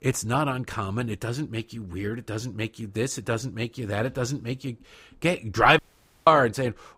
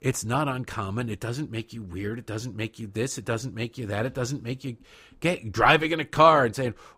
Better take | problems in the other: second | audio cutting out; at 6 s

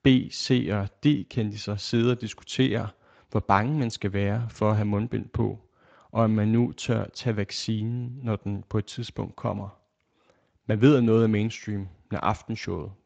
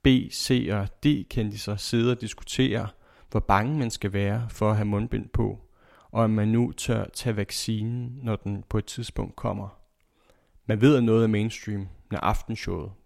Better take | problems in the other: second | garbled, watery; slightly; nothing above 7.5 kHz

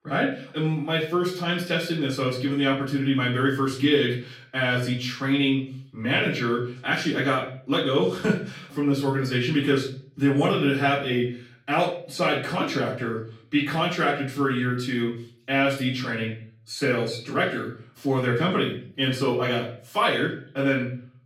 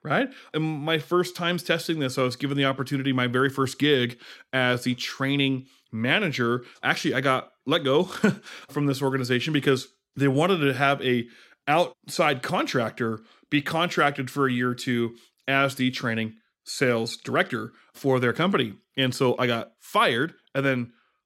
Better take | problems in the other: second | off-mic speech; far // room echo; slight; dies away in 0.5 s

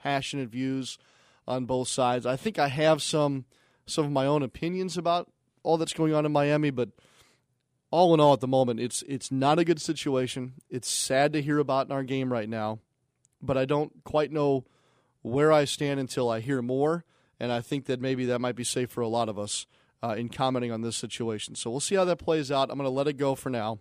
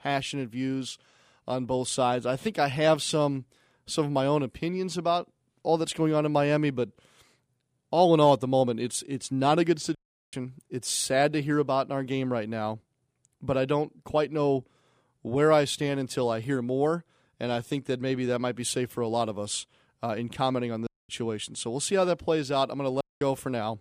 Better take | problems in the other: first | audio cutting out; at 10 s, at 21 s and at 23 s

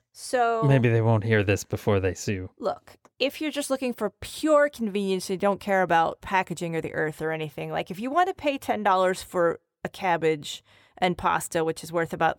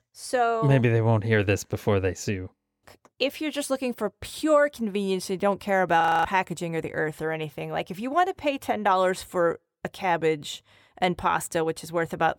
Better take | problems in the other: first | audio freezing; at 2.5 s and at 6 s

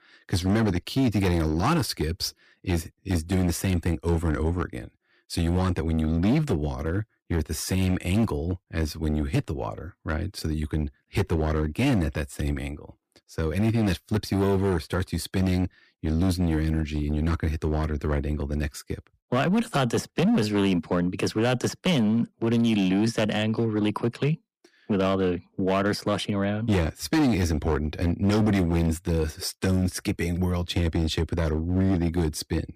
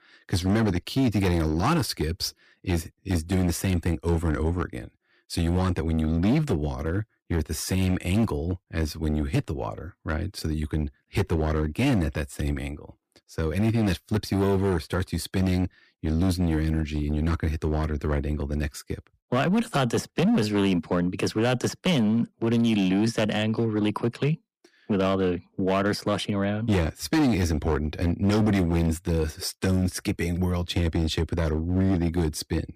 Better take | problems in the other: neither | distortion; slight; 9% of the sound clipped; the same in both

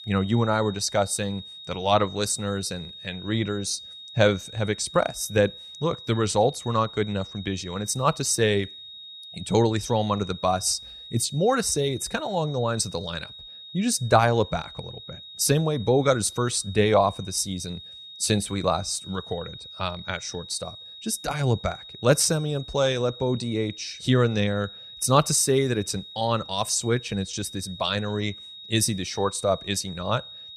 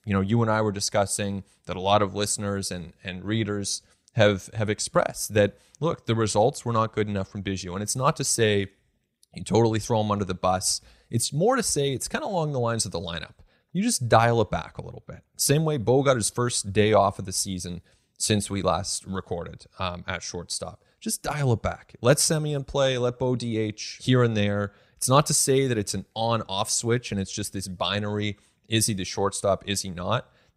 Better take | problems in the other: second | high-pitched whine; noticeable; throughout; 4 kHz, 15 dB below the speech

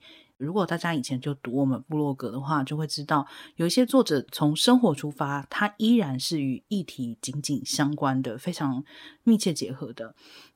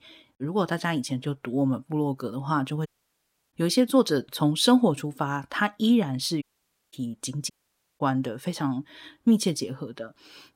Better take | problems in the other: first | audio cutting out; at 3 s for 0.5 s, at 6.5 s for 0.5 s and at 7.5 s for 0.5 s

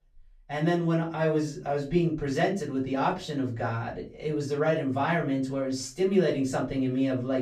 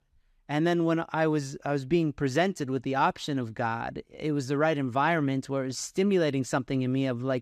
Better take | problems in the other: second | off-mic speech; far // room echo; very slight; dies away in 0.3 s

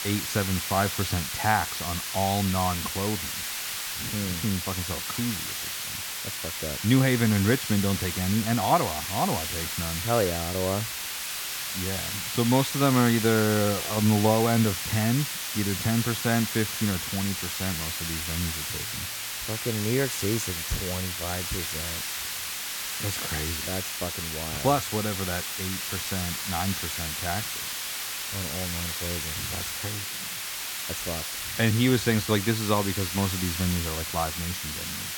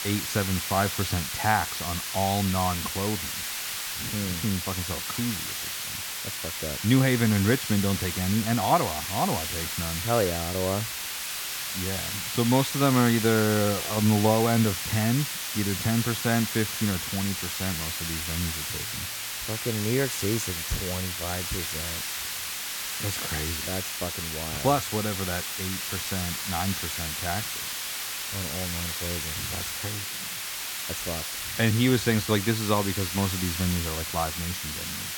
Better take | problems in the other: neither | hiss; loud; throughout; 2 dB below the speech; the same in both

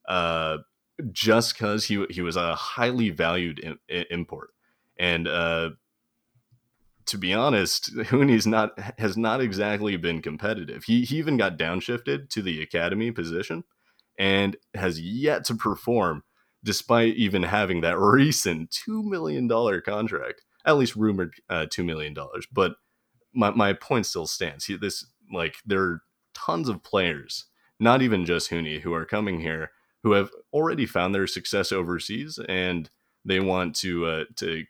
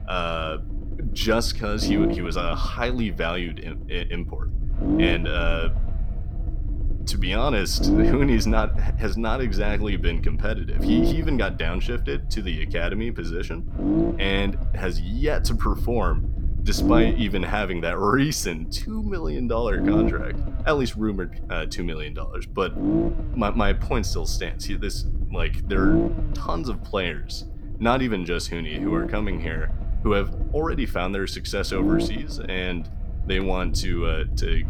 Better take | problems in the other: first | low rumble; loud; throughout; 3 dB below the speech

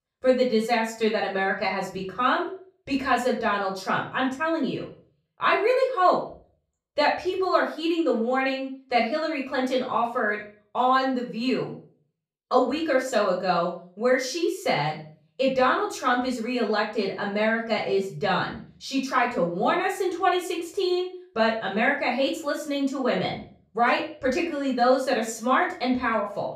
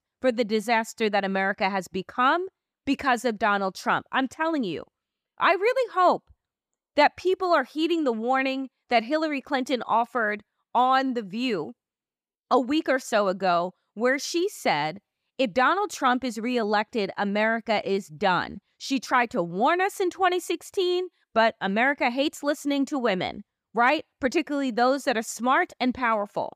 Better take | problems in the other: second | off-mic speech; far // room echo; slight; dies away in 0.4 s

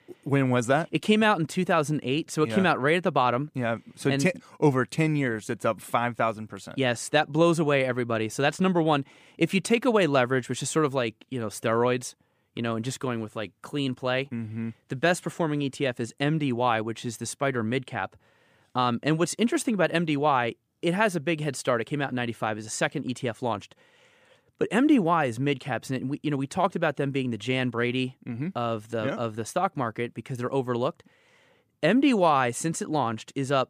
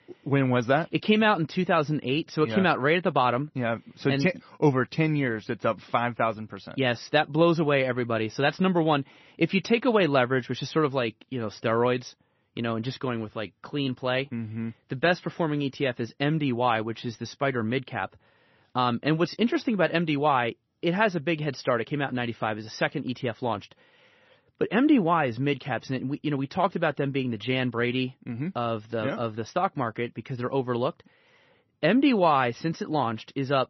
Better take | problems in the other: first | garbled, watery; slightly; nothing above 6 kHz

